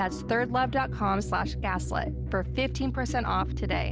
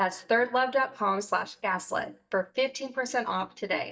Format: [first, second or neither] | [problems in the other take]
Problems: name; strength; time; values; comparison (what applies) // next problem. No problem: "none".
first | noise reduction (neural mask model DeepFilterNet 3)